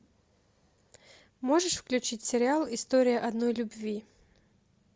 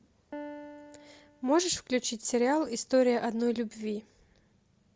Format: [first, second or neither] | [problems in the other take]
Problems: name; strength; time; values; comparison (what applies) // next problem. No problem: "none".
first | background sound (Piano); 18 dB below the speech